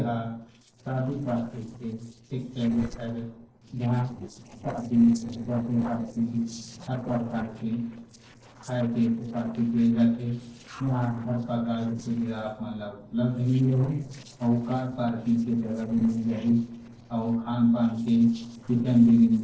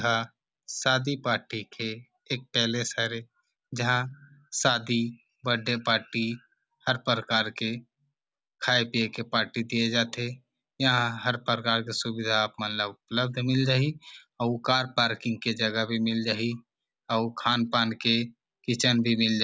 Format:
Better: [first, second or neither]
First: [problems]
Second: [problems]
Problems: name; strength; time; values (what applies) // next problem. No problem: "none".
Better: second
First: noise reduction (neural separator model SepFormer DNS4)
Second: none